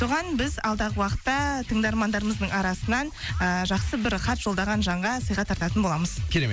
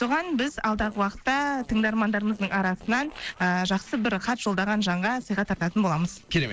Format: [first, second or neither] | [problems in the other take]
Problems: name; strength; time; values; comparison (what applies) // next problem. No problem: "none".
first | noise reduction (neural separator model SepFormer DNS4)